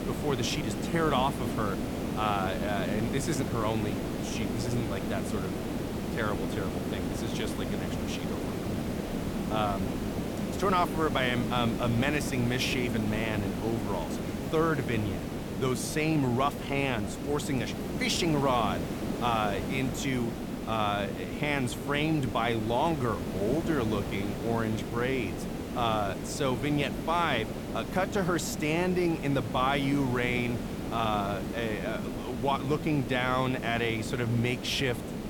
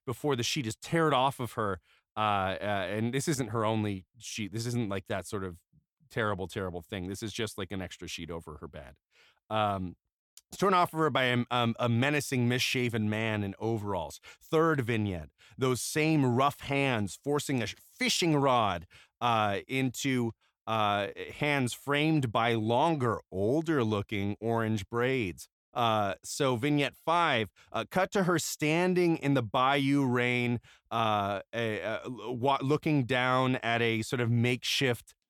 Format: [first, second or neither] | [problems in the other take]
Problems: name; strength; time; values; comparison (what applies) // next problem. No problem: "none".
second | hiss; loud; throughout; 4 dB below the speech